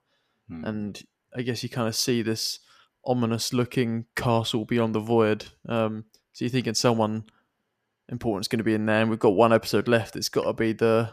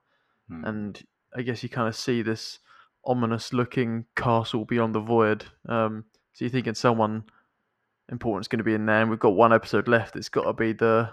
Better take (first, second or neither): first